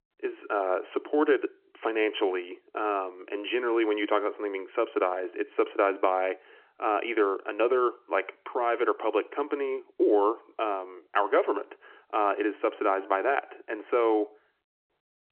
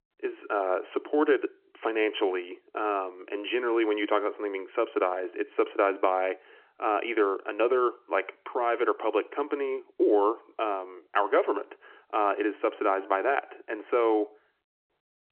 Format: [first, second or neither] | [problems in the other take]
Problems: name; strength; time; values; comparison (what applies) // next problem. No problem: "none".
neither | phone-call audio; the same in both